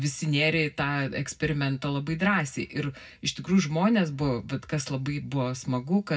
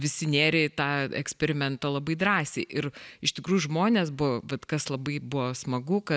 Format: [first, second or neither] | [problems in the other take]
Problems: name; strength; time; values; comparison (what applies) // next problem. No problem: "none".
second | room echo; dies away in 0.4 s